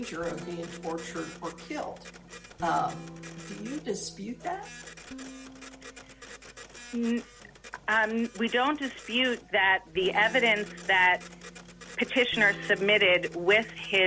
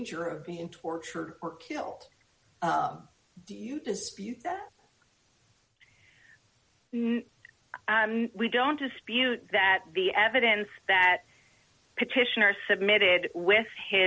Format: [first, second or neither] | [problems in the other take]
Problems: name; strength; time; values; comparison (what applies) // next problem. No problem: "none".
second | background sound (Printer + Guitar); 15 dB below the speech